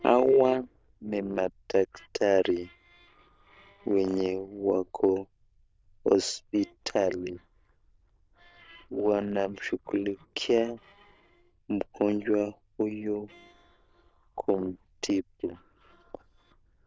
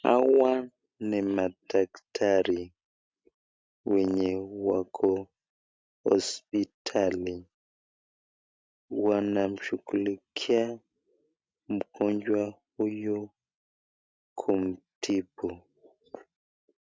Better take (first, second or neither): second